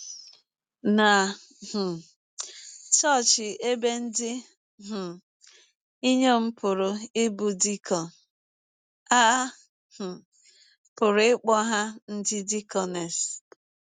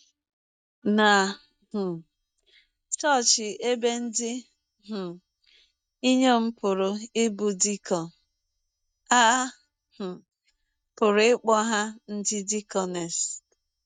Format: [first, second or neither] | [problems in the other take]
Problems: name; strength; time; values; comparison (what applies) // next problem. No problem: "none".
first | noise reduction (neural mask model DeepFilterNet 3)